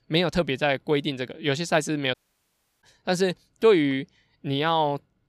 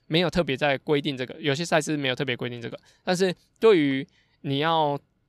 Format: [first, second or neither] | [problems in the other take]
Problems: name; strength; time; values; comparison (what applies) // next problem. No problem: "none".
second | audio cutting out; at 2 s for 0.5 s